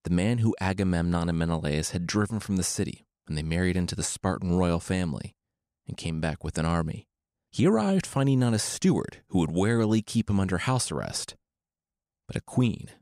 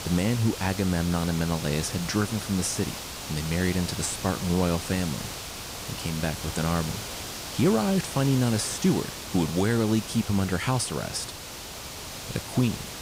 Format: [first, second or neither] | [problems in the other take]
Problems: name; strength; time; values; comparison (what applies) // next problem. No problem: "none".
first | hiss; loud; throughout; 8 dB below the speech